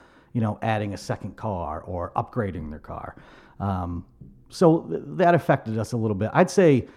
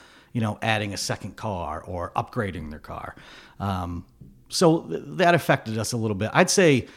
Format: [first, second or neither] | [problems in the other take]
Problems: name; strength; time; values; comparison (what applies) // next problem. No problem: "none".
second | muffled; slightly; fading above 1.5 kHz